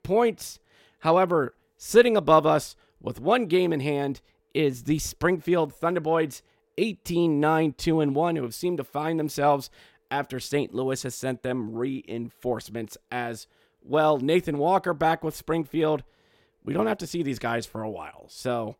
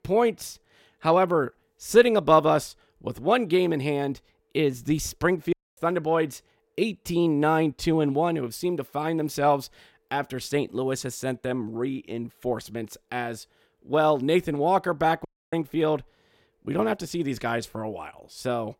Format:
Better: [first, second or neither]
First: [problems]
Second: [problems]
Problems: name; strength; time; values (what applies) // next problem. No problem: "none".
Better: first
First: none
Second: audio cutting out; at 5.5 s and at 15 s